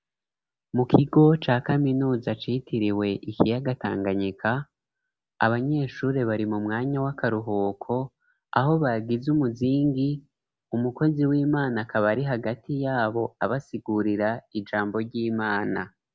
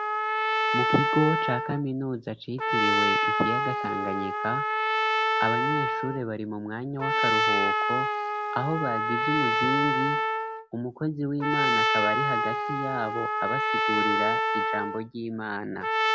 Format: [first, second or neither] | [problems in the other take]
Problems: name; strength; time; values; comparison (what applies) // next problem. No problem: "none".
first | background sound (Trumpet); 5 dB above the speech